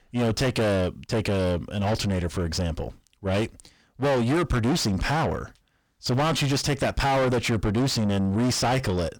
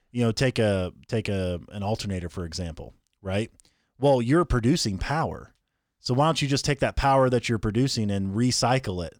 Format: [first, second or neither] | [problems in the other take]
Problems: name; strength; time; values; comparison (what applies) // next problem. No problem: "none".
second | distortion; heavy; 6 dB below the speech